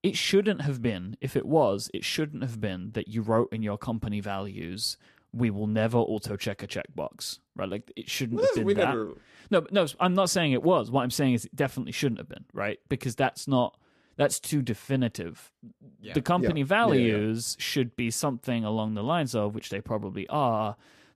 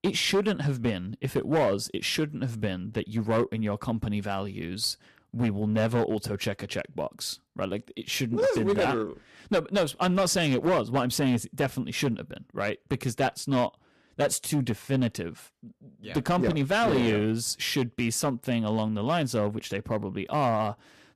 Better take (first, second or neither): first